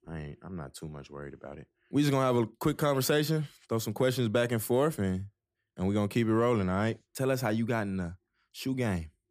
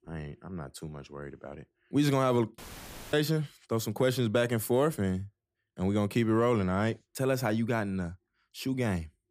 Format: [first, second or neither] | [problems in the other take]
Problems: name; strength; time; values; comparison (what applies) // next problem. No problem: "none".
first | audio cutting out; filled with static; at 2.5 s for 0.5 s